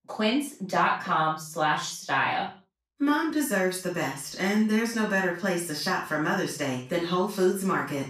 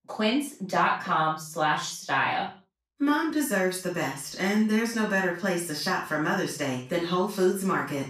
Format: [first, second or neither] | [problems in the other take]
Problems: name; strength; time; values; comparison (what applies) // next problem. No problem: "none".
neither | room echo; noticeable; dies away in 0.3 s; the same in both // off-mic speech; far; the same in both